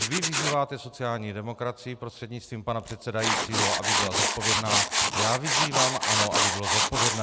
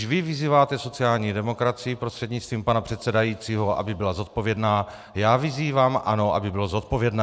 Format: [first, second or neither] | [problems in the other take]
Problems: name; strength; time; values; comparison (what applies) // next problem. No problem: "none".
second | background sound (Tools); 4 dB above the speech